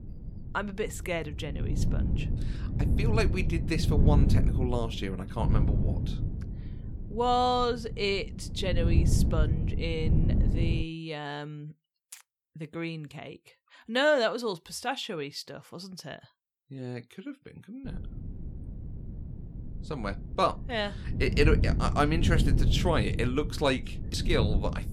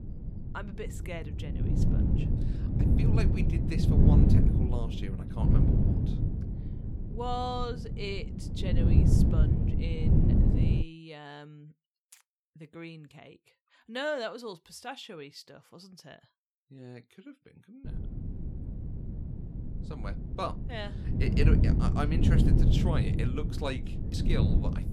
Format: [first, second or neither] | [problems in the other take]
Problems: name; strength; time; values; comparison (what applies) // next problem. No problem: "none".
first | wind noise on the microphone; heavy; until 11 s and from 18 s on; as loud as the speech; occasional gusts in the first